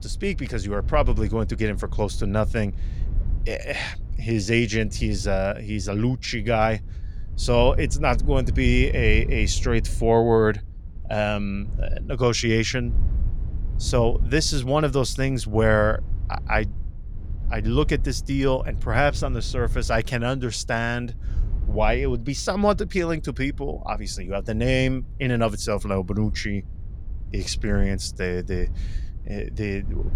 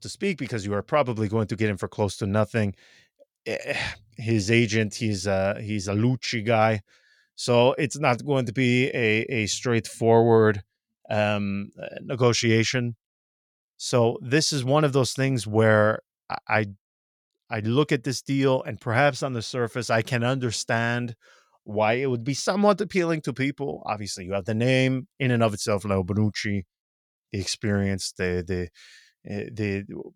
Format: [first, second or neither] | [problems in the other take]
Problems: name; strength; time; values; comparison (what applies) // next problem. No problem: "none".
second | wind noise on the microphone; occasional gusts; 25 dB below the speech